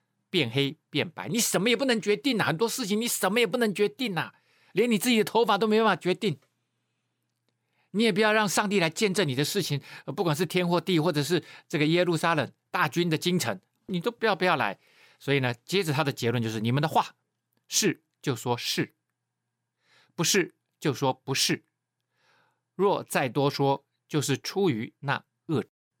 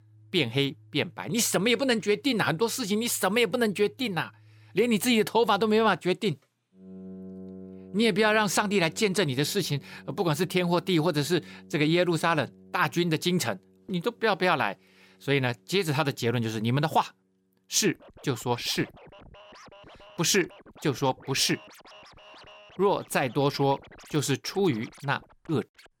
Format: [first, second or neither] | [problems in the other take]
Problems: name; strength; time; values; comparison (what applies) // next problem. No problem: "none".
first | background music; faint; throughout; 25 dB below the speech